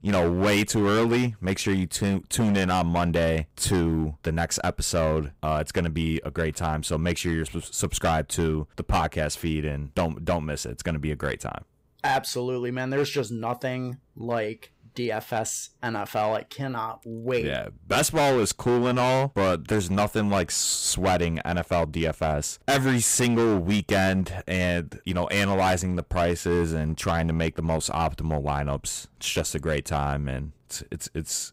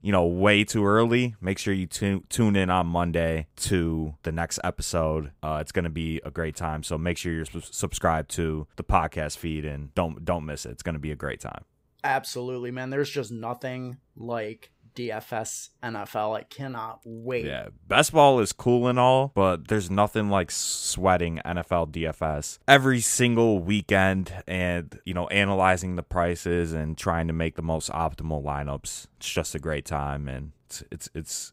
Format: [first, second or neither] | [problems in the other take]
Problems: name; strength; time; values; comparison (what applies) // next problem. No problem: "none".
second | distortion; heavy; 9% of the sound clipped